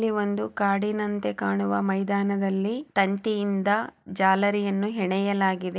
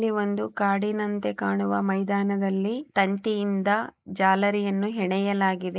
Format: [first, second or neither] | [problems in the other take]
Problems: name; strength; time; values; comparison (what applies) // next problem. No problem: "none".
first | noise reduction (neural mask model Resemble Enhance denoiser)